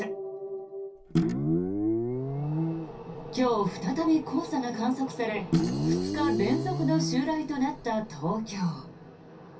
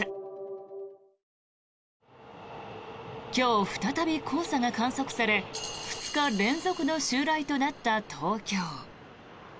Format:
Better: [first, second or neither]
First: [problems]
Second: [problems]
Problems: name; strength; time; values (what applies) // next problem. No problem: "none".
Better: second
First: background sound (Guitar); as loud as the speech // room echo; dies away in 0.3 s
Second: none